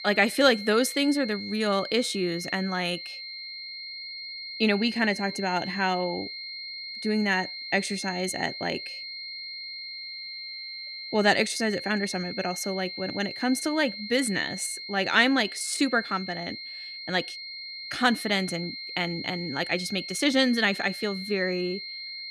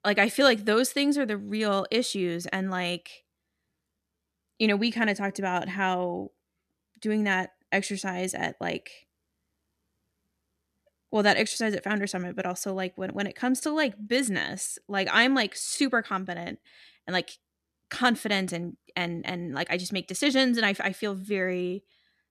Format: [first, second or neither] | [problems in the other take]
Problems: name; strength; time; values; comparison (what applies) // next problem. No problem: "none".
second | high-pitched whine; loud; throughout; 4 kHz, 9 dB below the speech